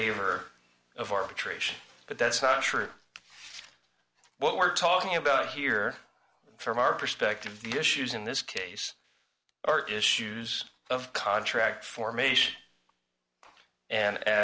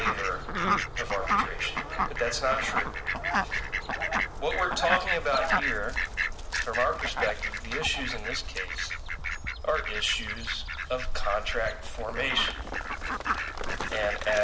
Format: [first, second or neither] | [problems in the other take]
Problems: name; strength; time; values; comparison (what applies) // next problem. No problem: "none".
first | background sound (Fowl); 1 dB above the speech // room echo; dies away in 1 s